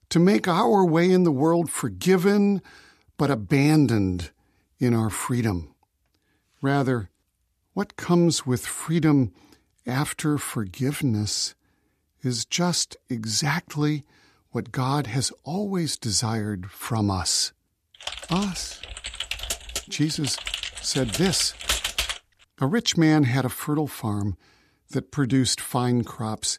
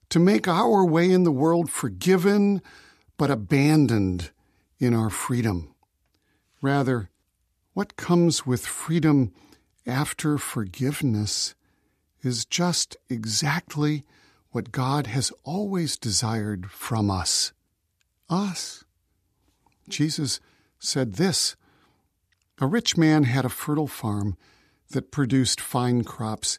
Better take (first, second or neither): second